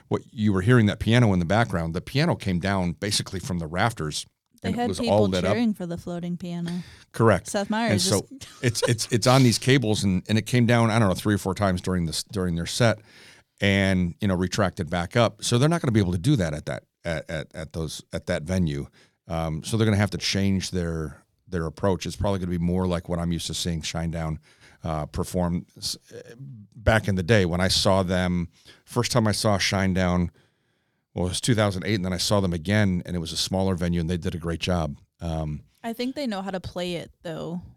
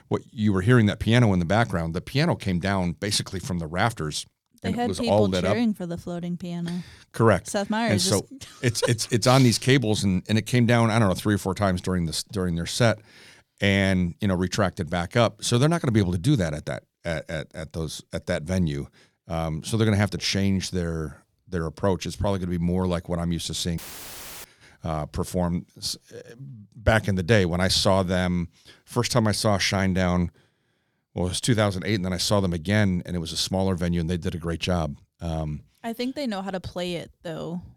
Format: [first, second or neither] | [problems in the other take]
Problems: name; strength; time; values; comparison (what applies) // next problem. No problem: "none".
first | audio cutting out; filled with static; at 24 s for 0.5 s